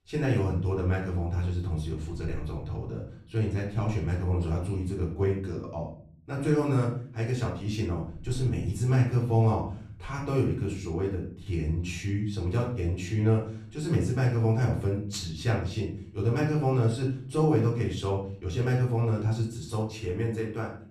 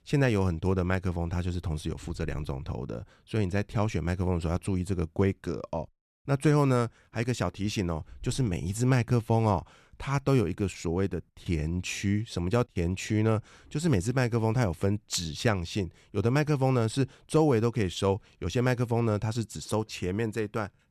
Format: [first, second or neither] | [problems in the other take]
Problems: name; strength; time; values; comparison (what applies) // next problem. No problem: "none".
second | off-mic speech; far // room echo; noticeable; dies away in 0.5 s